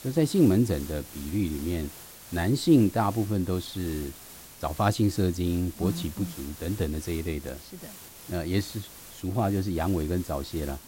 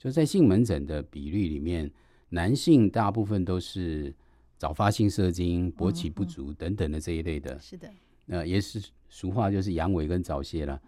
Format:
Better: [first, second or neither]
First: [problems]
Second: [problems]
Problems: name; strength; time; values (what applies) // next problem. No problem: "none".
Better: second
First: hiss; noticeable; throughout; 15 dB below the speech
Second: none